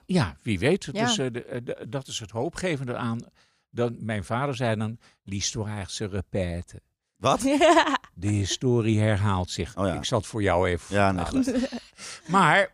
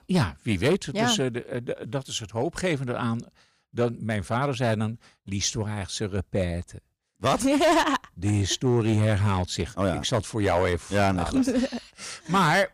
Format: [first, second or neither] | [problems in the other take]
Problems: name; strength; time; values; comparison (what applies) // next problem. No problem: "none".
first | distortion; slight; 4% of the sound clipped